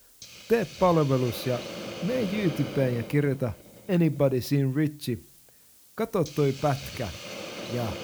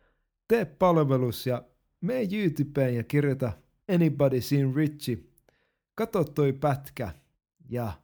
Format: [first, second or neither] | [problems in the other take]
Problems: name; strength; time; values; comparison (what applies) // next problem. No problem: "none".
second | hiss; noticeable; throughout; 10 dB below the speech